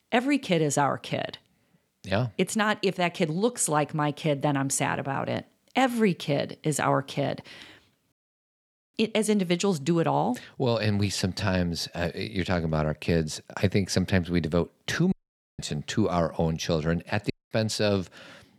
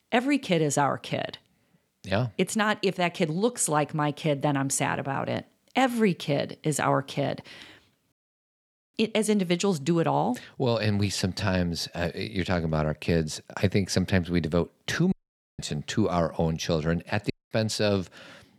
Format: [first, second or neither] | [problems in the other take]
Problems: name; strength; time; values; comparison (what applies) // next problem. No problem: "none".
neither | audio cutting out; at 8 s for 1 s, at 15 s and at 17 s; the same in both